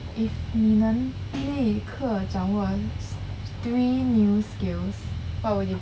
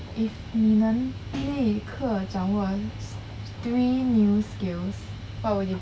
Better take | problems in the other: second | background sound (Bass guitar); 10 dB below the speech

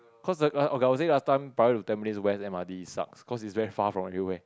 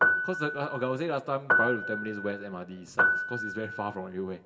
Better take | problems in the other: first | background sound (Piano); 3 dB above the speech // room echo; dies away in 2.9 s

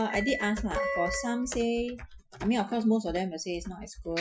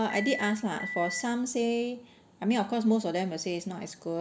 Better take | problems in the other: second | noise reduction (classical method Wiener filter)

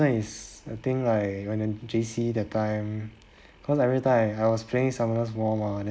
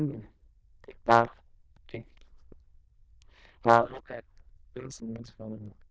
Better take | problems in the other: first | noise reduction (neural diffusion model UNIVERSE++)

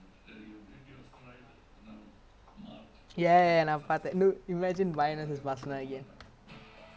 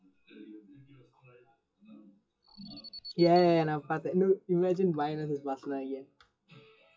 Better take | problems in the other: first | noise reduction (classical method WPE with log-MMSE)

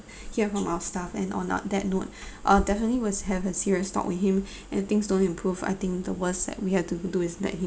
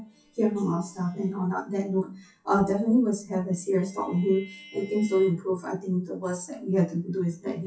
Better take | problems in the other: first | noise reduction (classical method WPE with log-MMSE)

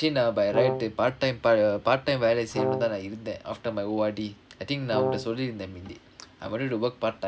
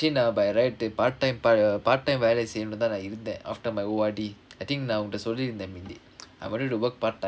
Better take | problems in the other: second | background sound (Brass instrument); 2 dB below the speech

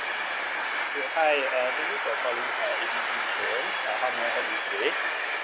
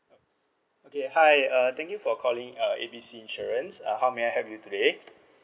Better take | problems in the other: second | background sound (Train); 3 dB above the speech

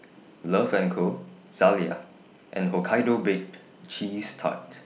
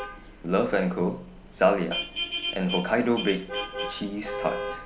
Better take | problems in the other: first | background sound (Vehicle horn, car horn, honking); 7 dB below the speech

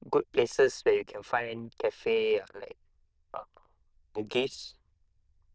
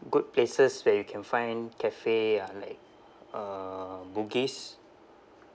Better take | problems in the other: second | noise reduction (neural diffusion model UNIVERSE++)

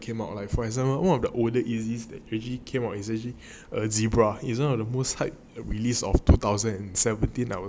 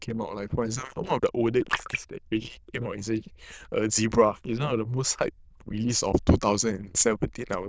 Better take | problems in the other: first | noise reduction (neural diffusion model UNIVERSE++)

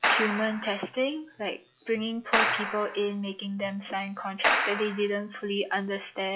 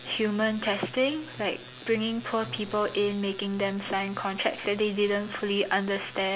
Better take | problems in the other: second | noise reduction (classical method log-MMSE)

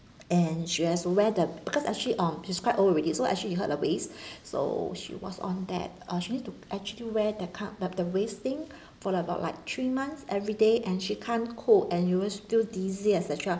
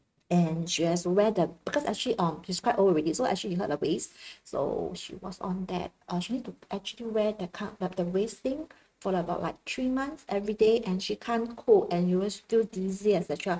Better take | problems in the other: first | noise reduction (neural mask model RNNoise)

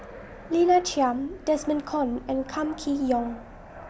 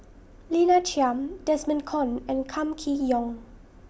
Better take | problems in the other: second | background sound (Fixed-wing aircraft, airplane); 18 dB below the speech

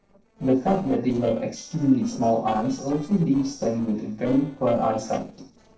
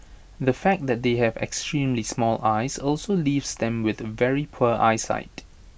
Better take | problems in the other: second | noise reduction (neural separator model SepFormer DNS4)

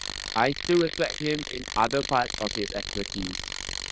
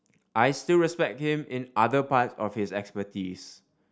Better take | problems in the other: second | noise reduction (neural diffusion model UNIVERSE++)

